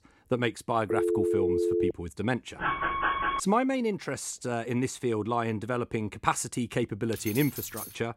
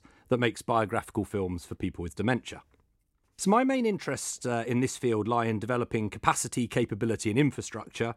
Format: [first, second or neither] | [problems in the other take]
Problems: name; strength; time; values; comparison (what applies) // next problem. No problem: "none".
second | phone ringing; loud; from 1 to 2 s; peak 4 dB above the speech // alarm; loud; at 2.5 s; peak 3 dB above the speech // jangling keys; noticeable; at 7 s; peak 6 dB below the speech